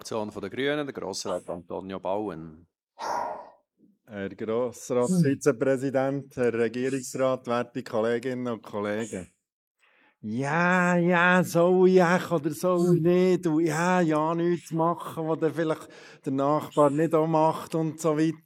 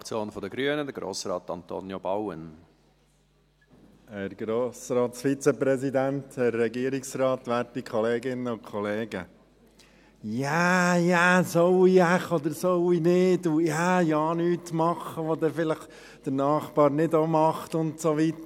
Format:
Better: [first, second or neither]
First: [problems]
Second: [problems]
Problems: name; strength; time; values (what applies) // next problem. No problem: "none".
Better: second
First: noise reduction (neural mask model Resemble Enhance denoiser)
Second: none